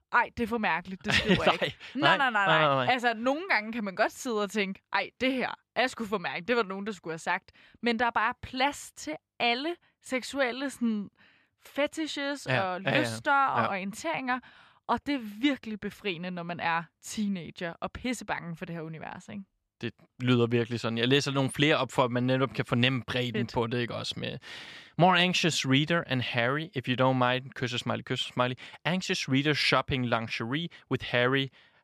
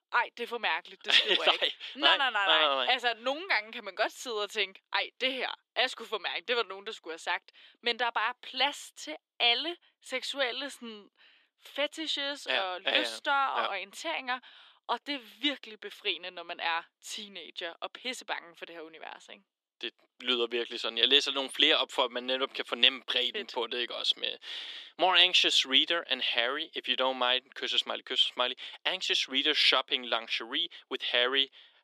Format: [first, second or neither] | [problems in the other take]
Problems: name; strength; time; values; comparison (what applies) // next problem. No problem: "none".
first | thin; somewhat; fading below 300 Hz